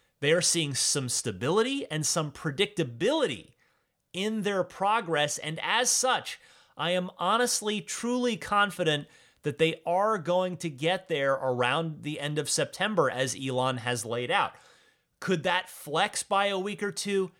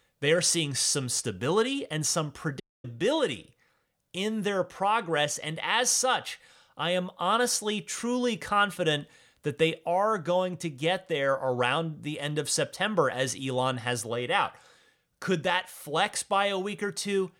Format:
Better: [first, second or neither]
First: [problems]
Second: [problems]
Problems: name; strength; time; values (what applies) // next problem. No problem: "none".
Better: first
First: none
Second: audio cutting out; at 2.5 s